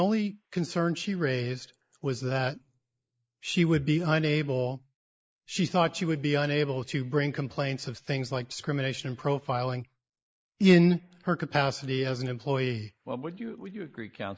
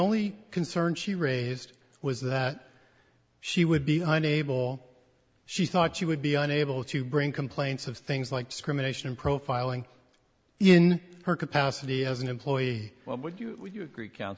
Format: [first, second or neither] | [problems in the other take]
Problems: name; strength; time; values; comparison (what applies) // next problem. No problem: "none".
second | noise reduction (neural mask model Resemble Enhance denoiser)